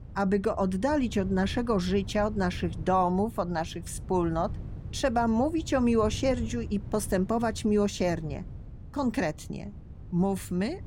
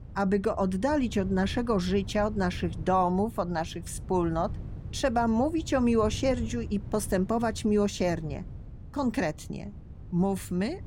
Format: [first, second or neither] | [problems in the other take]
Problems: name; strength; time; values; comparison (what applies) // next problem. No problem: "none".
neither | wind noise on the microphone; occasional gusts; 25 dB below the speech; the same in both